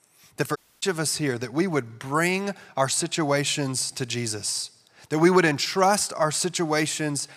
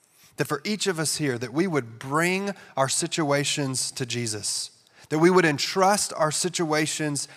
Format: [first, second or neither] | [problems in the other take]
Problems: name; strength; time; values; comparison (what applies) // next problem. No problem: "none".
second | audio cutting out; at 0.5 s